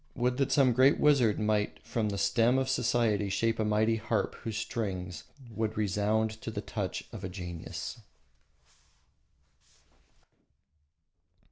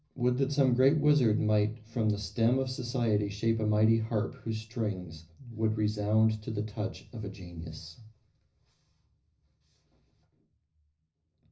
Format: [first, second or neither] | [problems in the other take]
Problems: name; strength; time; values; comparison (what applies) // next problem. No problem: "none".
first | room echo; dies away in 0.4 s